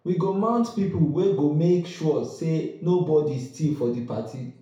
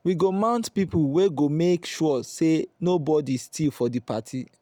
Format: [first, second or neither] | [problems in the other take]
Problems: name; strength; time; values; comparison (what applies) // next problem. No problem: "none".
second | room echo; dies away in 0.6 s